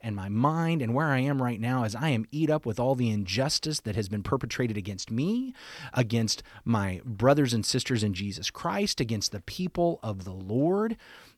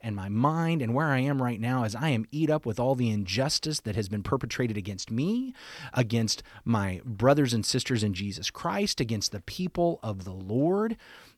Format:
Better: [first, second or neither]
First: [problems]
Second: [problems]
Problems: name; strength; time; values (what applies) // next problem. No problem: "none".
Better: neither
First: none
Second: none